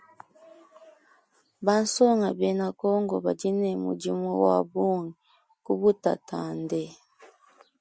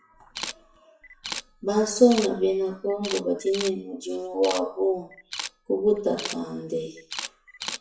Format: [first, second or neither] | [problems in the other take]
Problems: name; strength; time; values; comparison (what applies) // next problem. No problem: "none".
first | noise reduction (classical method WPE with log-MMSE)